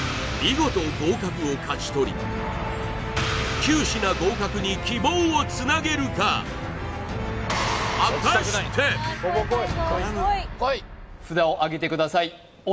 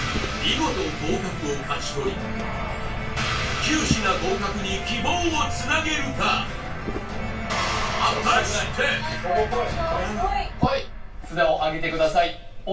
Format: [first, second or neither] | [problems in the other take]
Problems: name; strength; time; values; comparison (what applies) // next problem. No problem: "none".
first | background sound (Liquid); 8 dB below the speech // room echo; dies away in 0.2 s